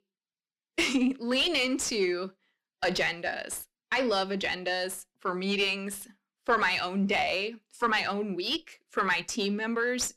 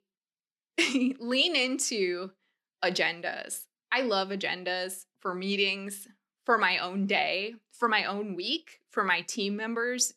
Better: second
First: distortion; slight; 10 dB below the speech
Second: none

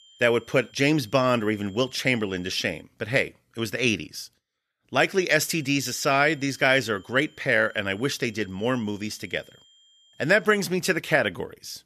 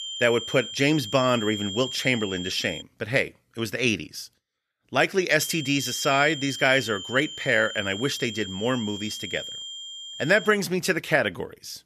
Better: first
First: high-pitched whine; faint; until 3 s and from 5.5 to 10 s; 3 kHz, 30 dB below the speech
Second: high-pitched whine; loud; until 3 s and from 5.5 to 10 s; 3 kHz, 9 dB below the speech

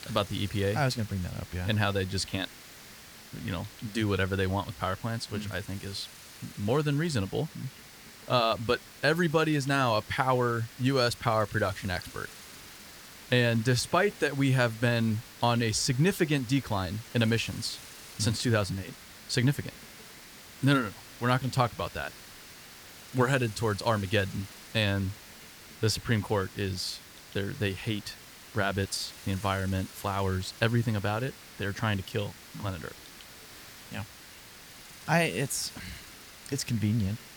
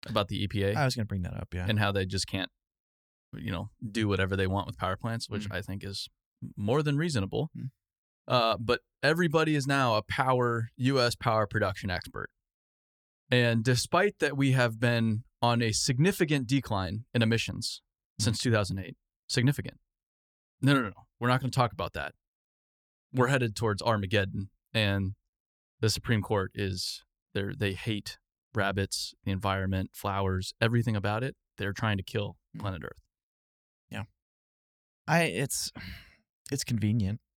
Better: second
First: hiss; noticeable; throughout; 15 dB below the speech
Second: none

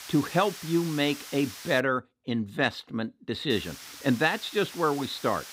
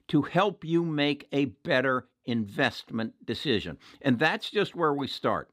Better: second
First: hiss; noticeable; until 2 s and from 3.5 s on; 15 dB below the speech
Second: none

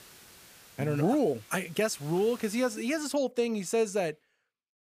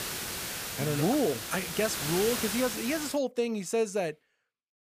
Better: first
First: hiss; faint; until 3 s; 20 dB below the speech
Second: hiss; loud; until 3 s; 3 dB below the speech

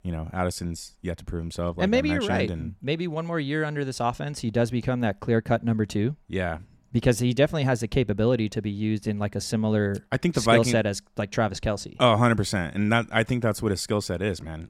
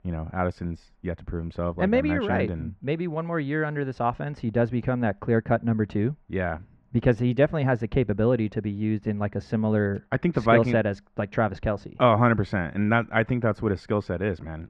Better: first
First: none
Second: muffled; very; fading above 1.5 kHz

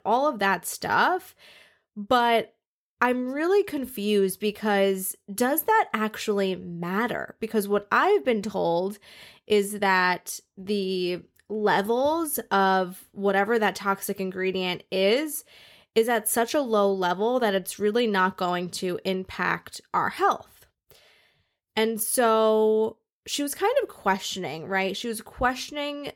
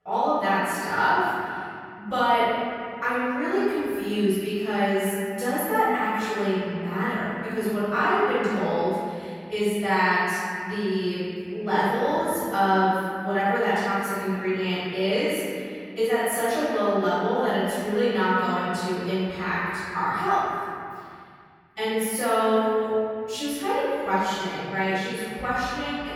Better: first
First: none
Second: room echo; strong; dies away in 2.6 s // off-mic speech; far

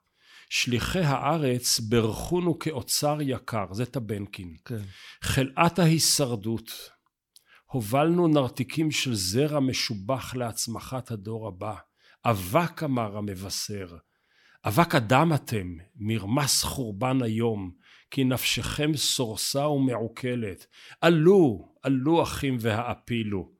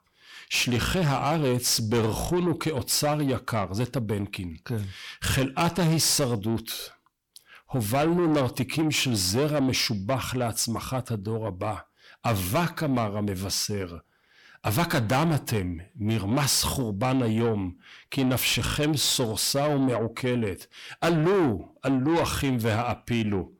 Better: first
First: none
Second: distortion; heavy; 7 dB below the speech

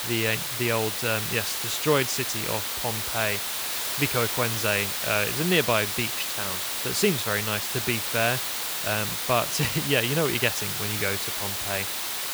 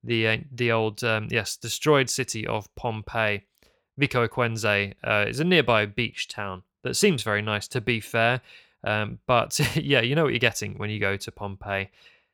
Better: second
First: hiss; loud; throughout; as loud as the speech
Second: none

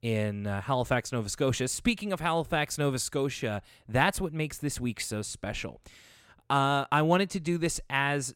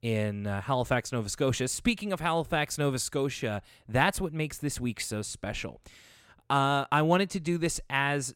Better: neither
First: none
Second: none

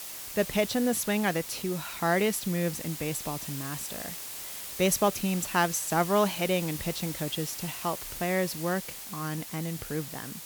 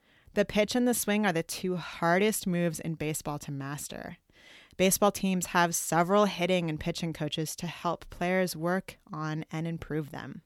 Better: second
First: hiss; loud; throughout; 7 dB below the speech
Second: none

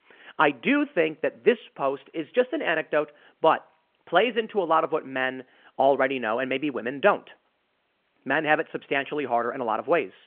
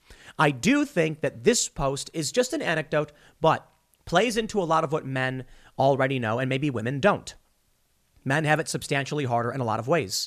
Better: second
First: phone-call audio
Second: none

